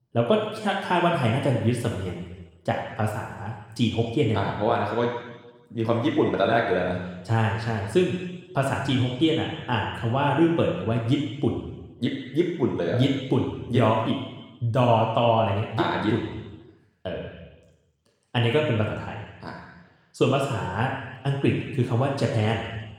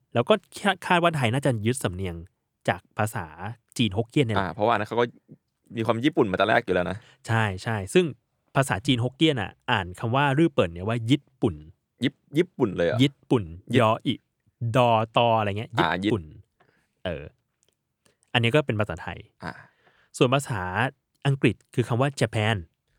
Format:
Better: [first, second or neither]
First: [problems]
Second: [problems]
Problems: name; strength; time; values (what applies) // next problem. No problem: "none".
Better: second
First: room echo; noticeable; dies away in 1.1 s // off-mic speech; somewhat distant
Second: none